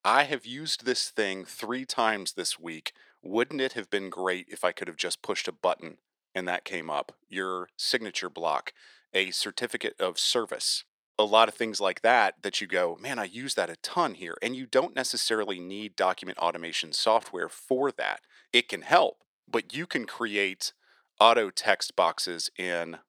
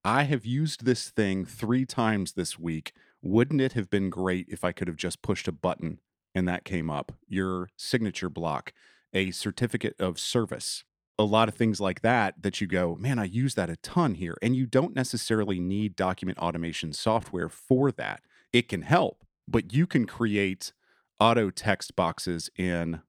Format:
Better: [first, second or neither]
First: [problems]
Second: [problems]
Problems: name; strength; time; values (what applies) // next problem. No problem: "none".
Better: second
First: thin; very; fading below 550 Hz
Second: none